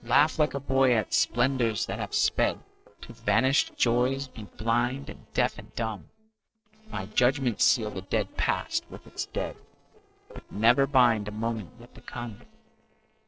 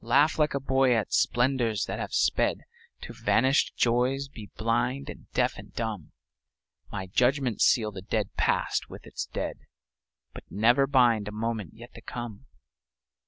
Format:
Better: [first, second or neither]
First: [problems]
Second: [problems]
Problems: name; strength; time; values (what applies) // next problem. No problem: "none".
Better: second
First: noise reduction (neural separator model SepFormer DNS4)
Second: none